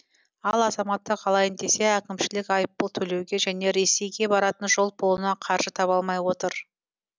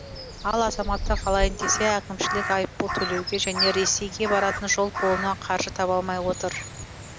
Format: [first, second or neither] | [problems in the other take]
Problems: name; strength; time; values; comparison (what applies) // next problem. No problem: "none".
first | background sound (Crow); 4 dB below the speech